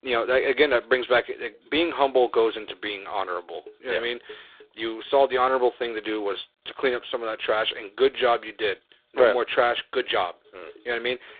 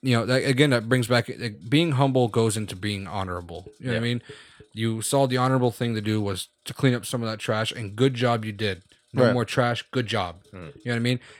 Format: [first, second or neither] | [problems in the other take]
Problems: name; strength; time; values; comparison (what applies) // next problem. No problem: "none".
second | phone-call audio; poor line; nothing above 3.5 kHz